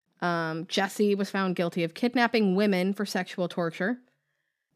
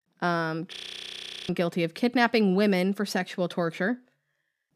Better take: first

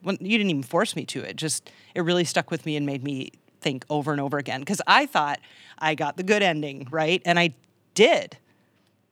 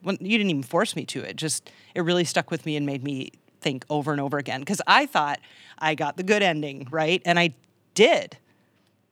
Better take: neither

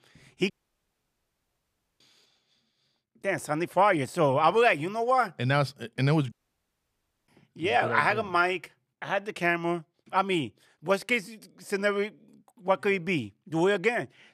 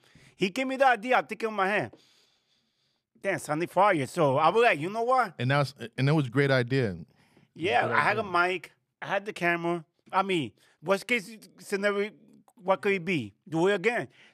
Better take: second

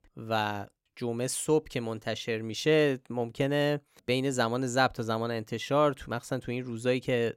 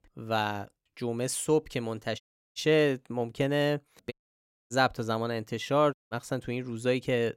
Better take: first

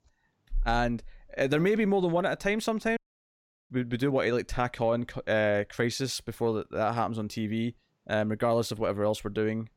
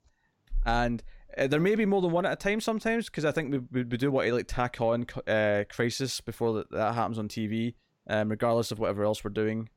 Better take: second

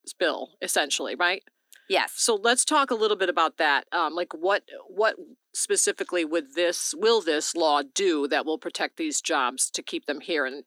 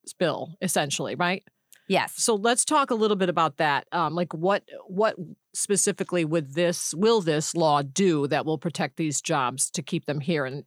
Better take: second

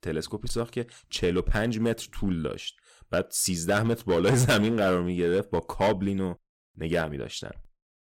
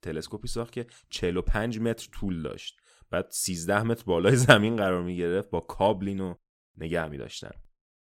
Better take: second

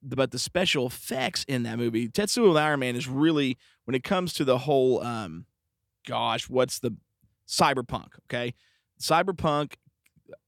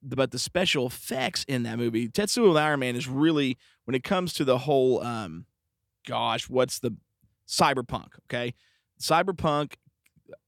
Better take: neither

